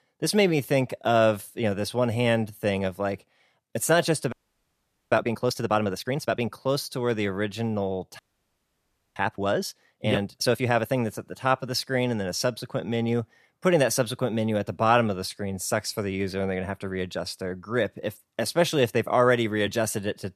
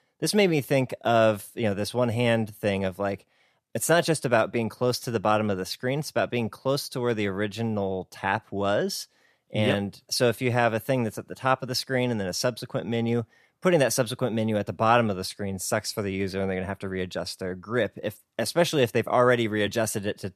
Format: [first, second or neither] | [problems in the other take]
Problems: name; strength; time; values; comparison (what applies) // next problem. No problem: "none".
second | audio freezing; at 4.5 s for 1 s and at 8 s for 1 s